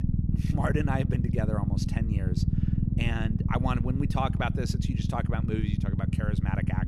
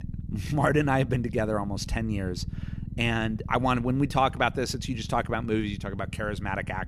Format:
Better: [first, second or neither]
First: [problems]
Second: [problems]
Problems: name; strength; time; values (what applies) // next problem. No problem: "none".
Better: second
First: low rumble; loud; throughout; 4 dB below the speech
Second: low rumble; faint; throughout; 20 dB below the speech